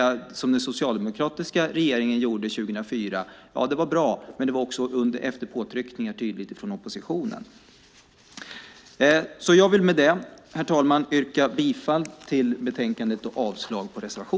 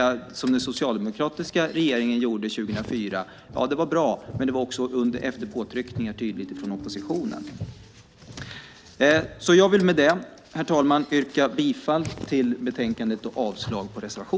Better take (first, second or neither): first